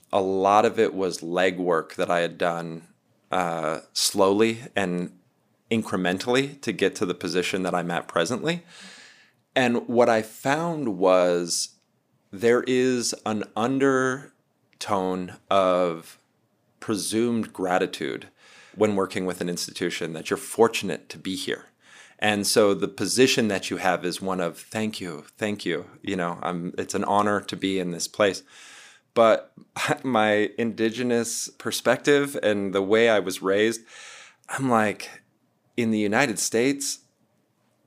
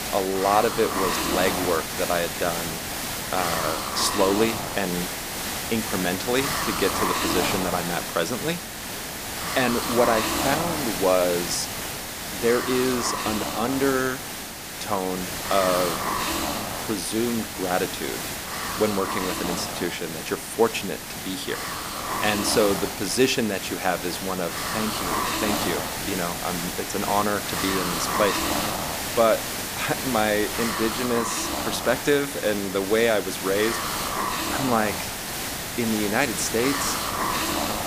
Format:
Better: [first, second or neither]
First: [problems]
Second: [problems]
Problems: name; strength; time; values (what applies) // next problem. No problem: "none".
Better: first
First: none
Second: hiss; loud; throughout; 2 dB below the speech